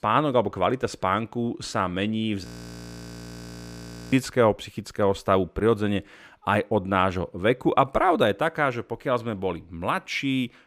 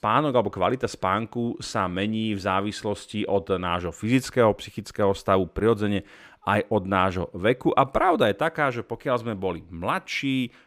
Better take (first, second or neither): second